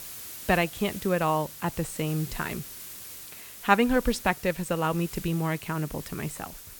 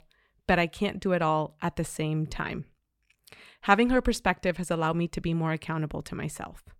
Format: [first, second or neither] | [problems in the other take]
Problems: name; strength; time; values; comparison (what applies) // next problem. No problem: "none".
second | hiss; noticeable; throughout; 10 dB below the speech